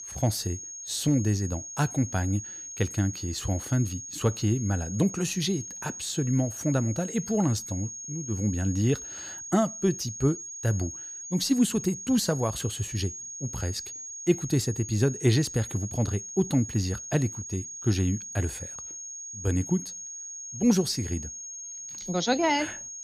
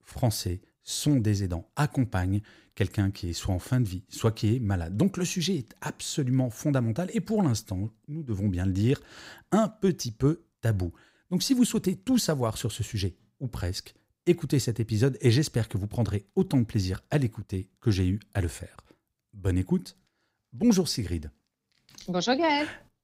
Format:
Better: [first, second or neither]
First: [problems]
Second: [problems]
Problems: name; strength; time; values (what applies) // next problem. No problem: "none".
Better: second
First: high-pitched whine; loud; throughout; 6.5 kHz, 9 dB below the speech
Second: none